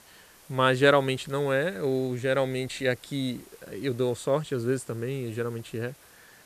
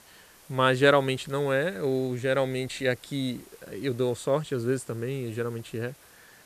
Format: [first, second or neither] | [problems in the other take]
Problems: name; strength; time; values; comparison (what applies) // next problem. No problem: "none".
neither | hiss; faint; throughout; 25 dB below the speech; the same in both